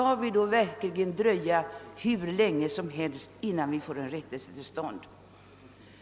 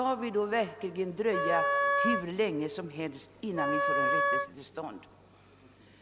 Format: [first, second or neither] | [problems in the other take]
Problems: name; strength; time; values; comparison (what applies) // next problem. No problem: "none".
first | background sound (Wind instrument, woodwind instrument); 4 dB above the speech